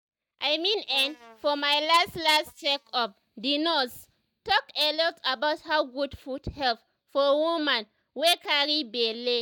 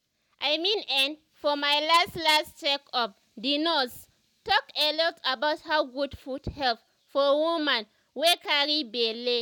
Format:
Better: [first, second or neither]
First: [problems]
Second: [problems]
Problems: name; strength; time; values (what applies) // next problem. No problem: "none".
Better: second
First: noise reduction (neural mask model DeepFilterNet 3)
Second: none